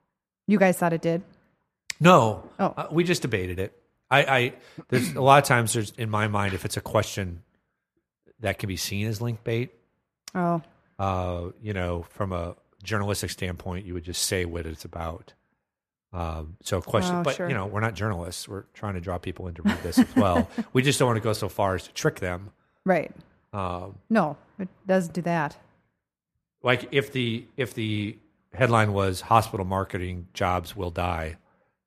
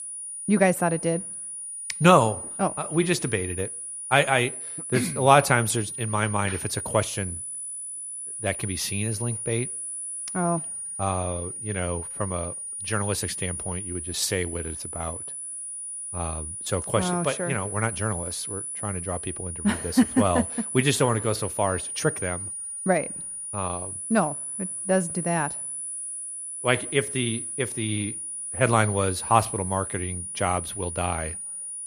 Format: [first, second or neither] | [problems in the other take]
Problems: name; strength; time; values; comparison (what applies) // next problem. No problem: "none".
first | high-pitched whine; loud; throughout; 9.5 kHz, 6 dB below the speech